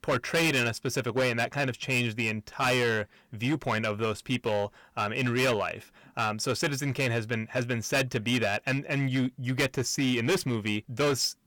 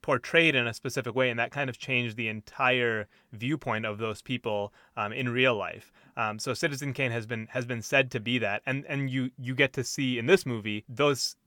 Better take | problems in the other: second | distortion; heavy; 11% of the sound clipped

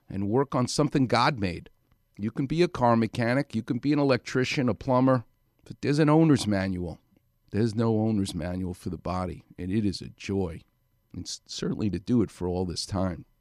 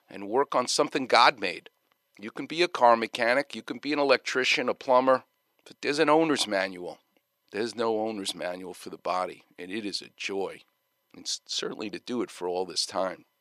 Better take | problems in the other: first | thin; somewhat; fading below 550 Hz

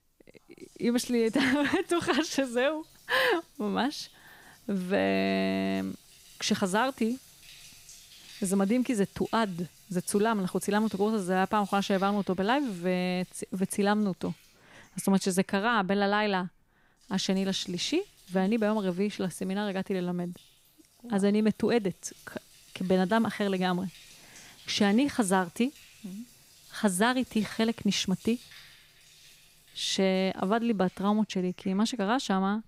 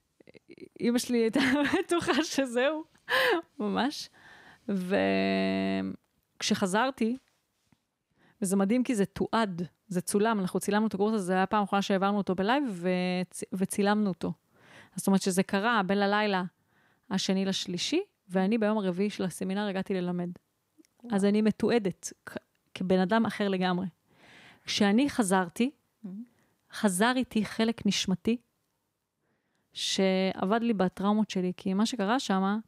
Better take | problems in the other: second | household noises; faint; throughout; 25 dB below the speech

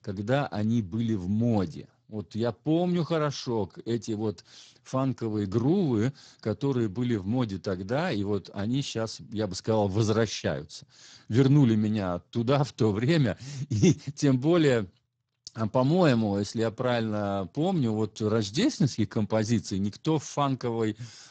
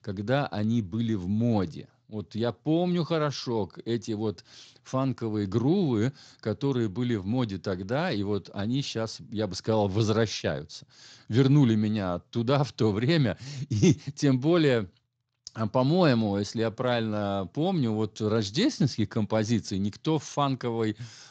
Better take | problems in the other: second | garbled, watery; badly; nothing above 7.5 kHz; slightly in the second

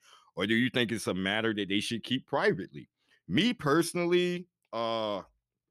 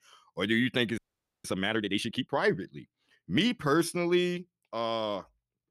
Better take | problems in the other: first | audio freezing; at 1 s

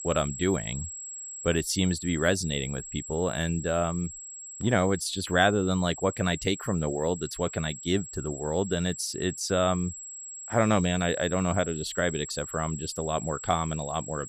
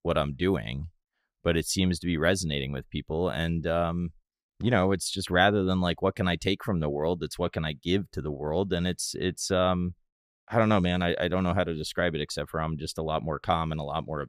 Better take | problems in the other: second | high-pitched whine; noticeable; throughout; 7.5 kHz, 10 dB below the speech

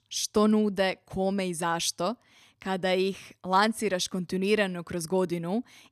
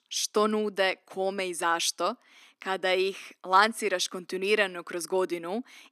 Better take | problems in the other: first | thin; somewhat; fading below 300 Hz

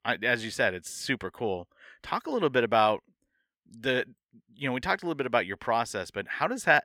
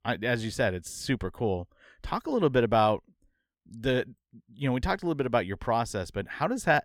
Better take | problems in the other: second | thin; very slightly; fading below 600 Hz

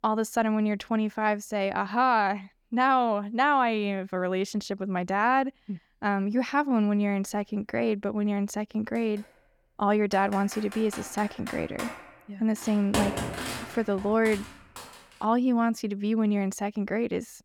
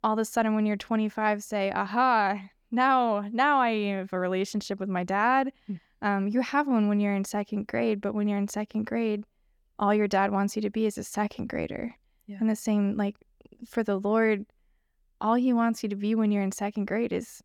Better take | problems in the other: second | keyboard typing; noticeable; from 10 to 15 s; peak 2 dB below the speech

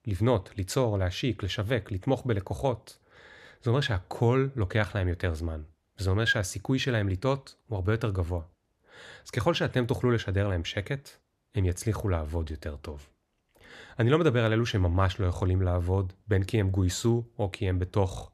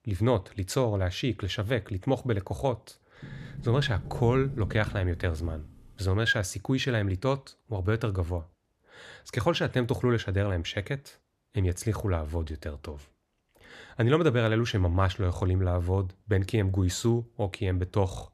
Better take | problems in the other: first | door banging; noticeable; from 3 to 6 s; peak 8 dB below the speech

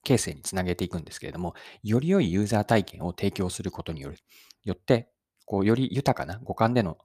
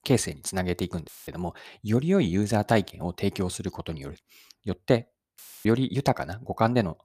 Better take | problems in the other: first | audio cutting out; filled with static; at 1 s and at 5.5 s

